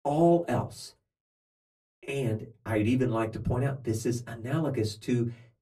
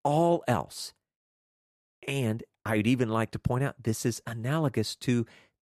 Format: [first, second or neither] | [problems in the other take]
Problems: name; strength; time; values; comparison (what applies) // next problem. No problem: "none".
second | off-mic speech; far // room echo; very slight; dies away in 0.2 s